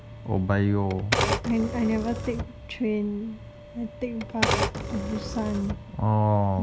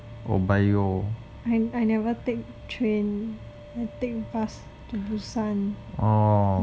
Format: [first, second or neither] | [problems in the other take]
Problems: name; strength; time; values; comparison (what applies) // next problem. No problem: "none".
second | background sound (Typewriter); 3 dB below the speech